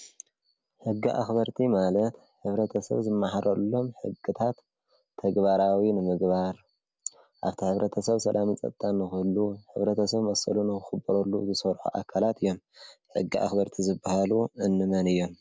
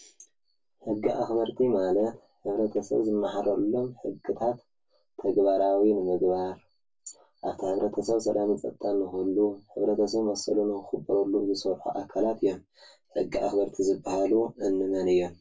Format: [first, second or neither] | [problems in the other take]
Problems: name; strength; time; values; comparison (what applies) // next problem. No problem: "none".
first | room echo; dies away in 0.1 s